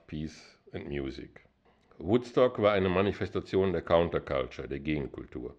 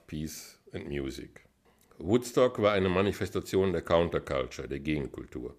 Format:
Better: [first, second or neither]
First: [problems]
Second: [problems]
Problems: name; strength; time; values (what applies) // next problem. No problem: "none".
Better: second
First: muffled; slightly; fading above 4 kHz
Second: none